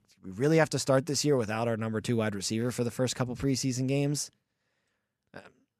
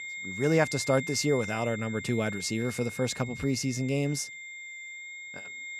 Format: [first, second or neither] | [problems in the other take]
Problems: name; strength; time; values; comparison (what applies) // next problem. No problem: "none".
first | high-pitched whine; loud; throughout; 2 kHz, 9 dB below the speech